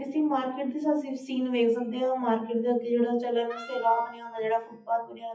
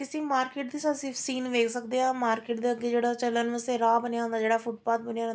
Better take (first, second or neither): second